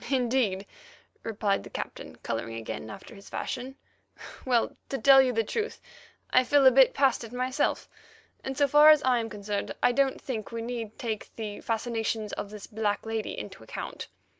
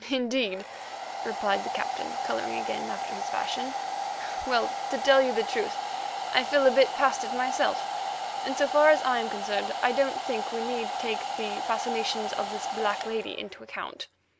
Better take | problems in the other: first | background sound (Domestic sounds, home sounds); 4 dB below the speech

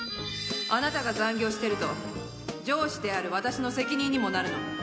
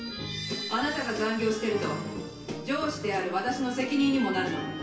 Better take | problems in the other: first | room echo; dies away in 0.3 s

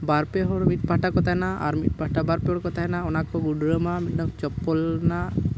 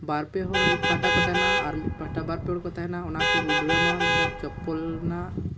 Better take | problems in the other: first | background sound (Vehicle horn, car horn, honking); 3 dB above the speech // room echo; dies away in 0.2 s

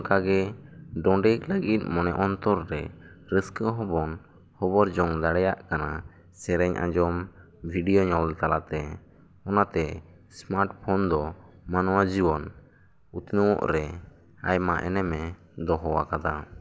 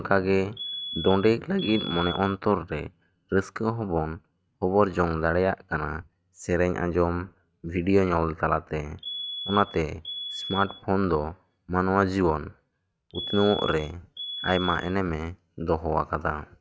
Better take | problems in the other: first | noise reduction (neural mask model RNNoise)

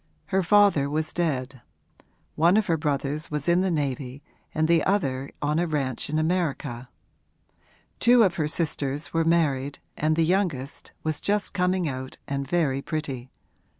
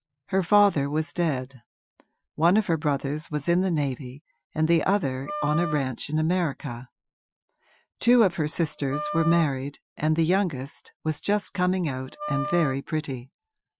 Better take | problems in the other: first | noise reduction (classical method Wiener filter)

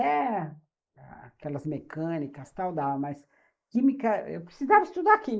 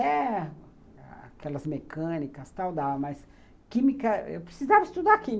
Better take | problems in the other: second | noise reduction (neural mask model Resemble Enhance denoiser)

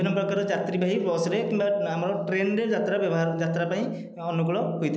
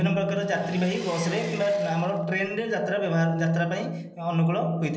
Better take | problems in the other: first | background sound (Engine); 18 dB below the speech // room echo; dies away in 0.2 s

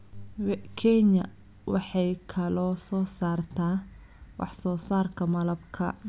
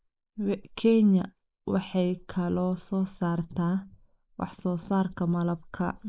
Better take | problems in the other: first | noise reduction (neural mask model Resemble Enhance denoiser)

